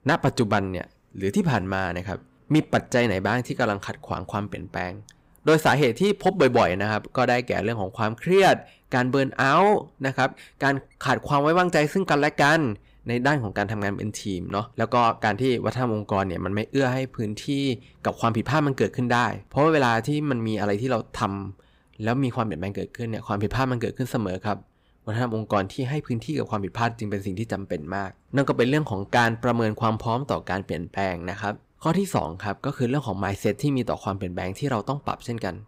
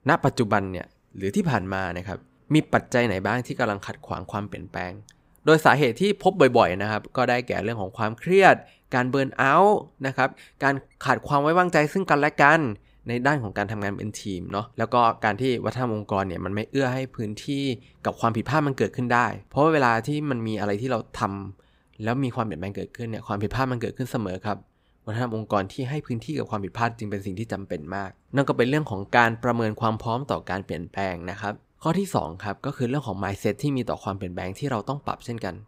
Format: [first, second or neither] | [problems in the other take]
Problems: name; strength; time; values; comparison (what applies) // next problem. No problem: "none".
second | distortion; slight; 10 dB below the speech